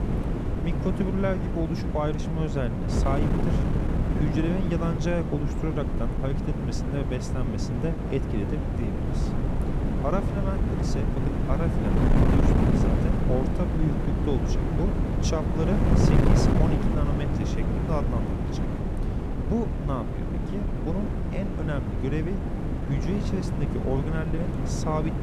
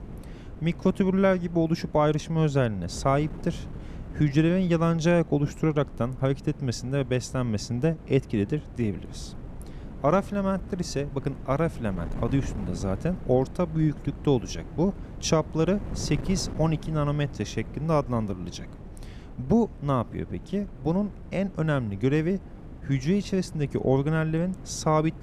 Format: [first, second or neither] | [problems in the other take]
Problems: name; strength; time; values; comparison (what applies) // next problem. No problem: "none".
second | wind noise on the microphone; heavy; 1 dB above the speech; occasional gusts in the second